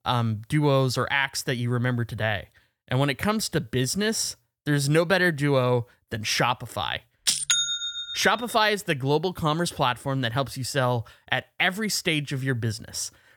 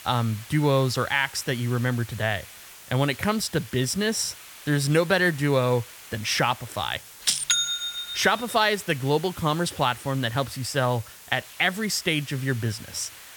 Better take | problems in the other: first | hiss; noticeable; throughout; 15 dB below the speech

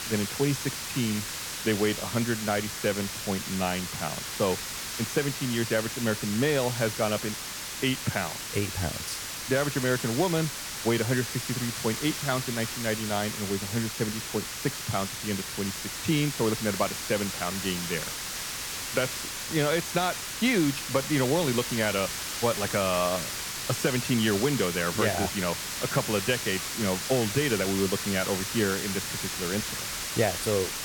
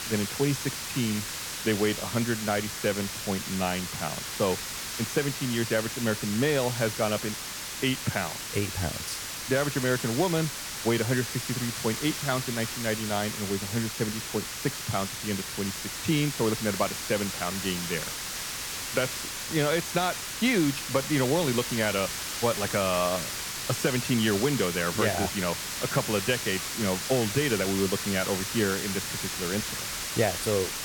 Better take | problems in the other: neither | hiss; loud; throughout; 3 dB below the speech; the same in both

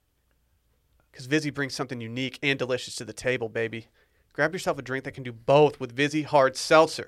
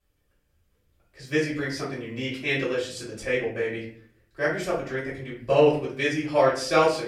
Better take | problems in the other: first | off-mic speech; far // room echo; slight; dies away in 0.5 s

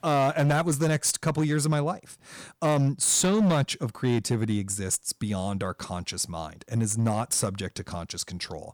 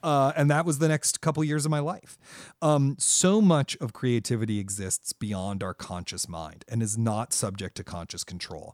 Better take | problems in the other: second | distortion; slight; 7% of the sound clipped

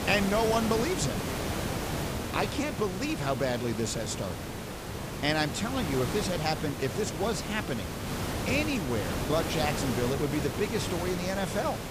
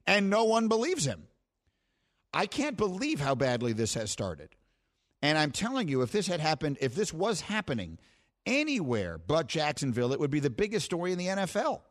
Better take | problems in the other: second | hiss; loud; throughout; 3 dB below the speech

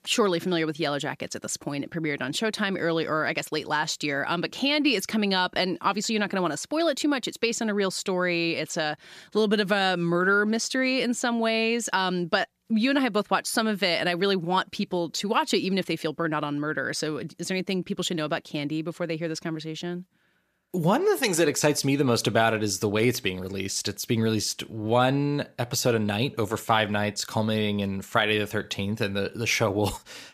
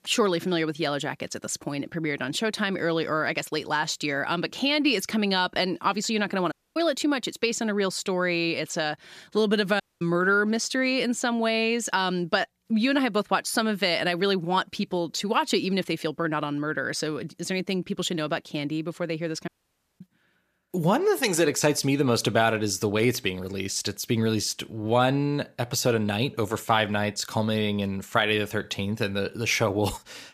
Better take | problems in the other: first | audio cutting out; at 6.5 s, at 10 s and at 19 s for 0.5 s

